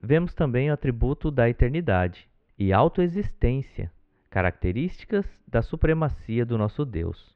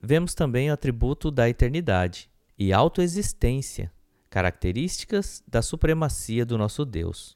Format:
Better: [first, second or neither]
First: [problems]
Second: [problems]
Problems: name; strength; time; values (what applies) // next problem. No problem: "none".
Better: second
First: muffled; very; fading above 2.5 kHz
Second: none